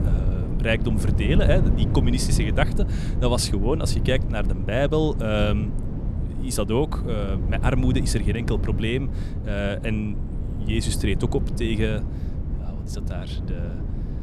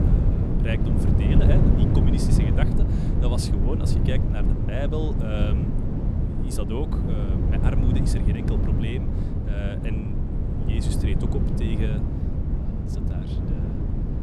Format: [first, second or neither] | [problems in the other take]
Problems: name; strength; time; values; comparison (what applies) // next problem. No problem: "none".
first | wind noise on the microphone; heavy; 1 dB above the speech; occasional gusts in the first